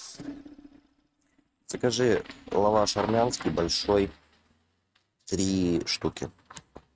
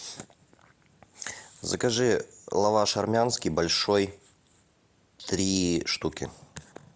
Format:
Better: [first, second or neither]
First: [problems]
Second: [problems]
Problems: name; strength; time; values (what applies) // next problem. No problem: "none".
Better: second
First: noise reduction (neural mask model RNNoise)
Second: none